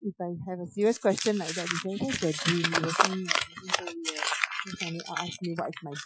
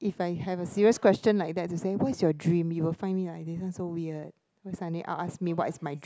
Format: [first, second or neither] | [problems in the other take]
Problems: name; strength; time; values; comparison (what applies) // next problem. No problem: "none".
second | noise reduction (classical method Wiener filter)